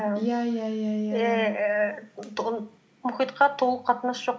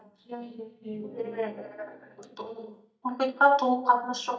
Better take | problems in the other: first | noise reduction (neural mask model DeepFilterNet 3)

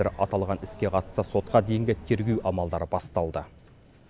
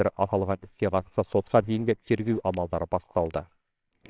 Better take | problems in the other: first | noise reduction (neural separator model SepFormer WHAMR!)

